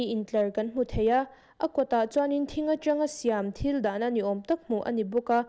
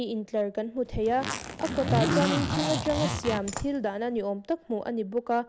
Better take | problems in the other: first | background sound (Zipper (clothing)); 1 dB below the speech

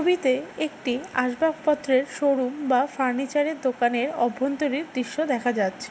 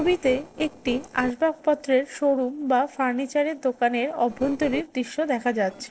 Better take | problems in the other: first | noise reduction (neural separator model SepFormer DNS4)

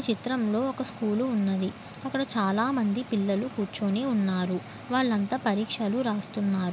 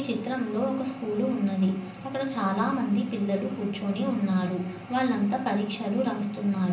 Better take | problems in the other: first | room echo; dies away in 0.6 s

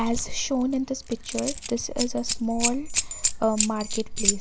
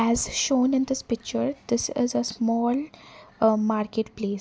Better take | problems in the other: second | background sound (Keys jangling); 1 dB below the speech

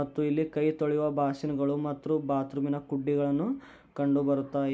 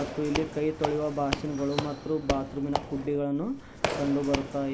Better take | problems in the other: first | background sound (Squeak / Walk, footsteps); 5 dB below the speech

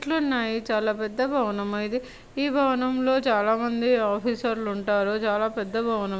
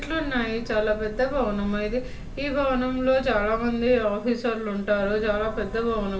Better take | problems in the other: first | background sound (Train / Breathing); 11 dB below the speech // room echo; dies away in 0.3 s

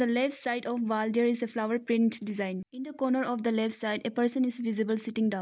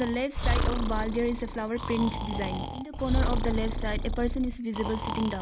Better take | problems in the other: first | background sound (Breathing); 1 dB above the speech

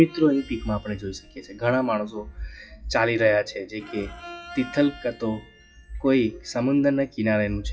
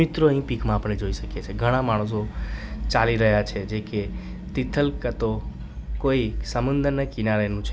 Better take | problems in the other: second | noise reduction (classical method WPE with log-MMSE)

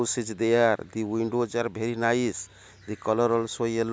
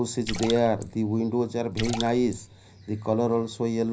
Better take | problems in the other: first | background sound (Splash, splatter); 11 dB below the speech // room echo; dies away in 0.4 s

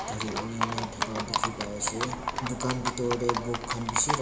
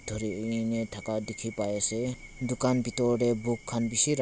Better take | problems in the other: second | background sound (Livestock, farm animals, working animals); as loud as the speech // room echo; dies away in 0.8 s

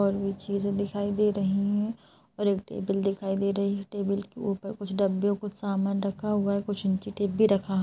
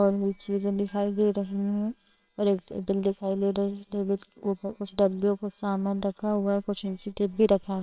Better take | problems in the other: first | noise reduction (neural separator model SepFormer WHAMR!)

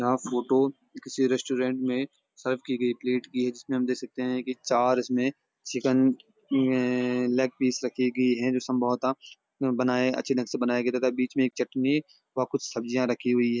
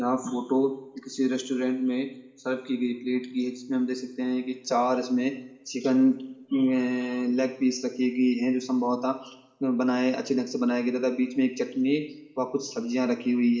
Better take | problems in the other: first | room echo; dies away in 0.8 s

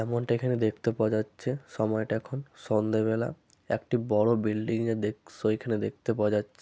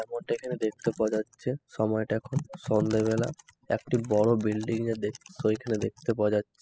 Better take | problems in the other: first | noise reduction (classical method spectral subtraction)

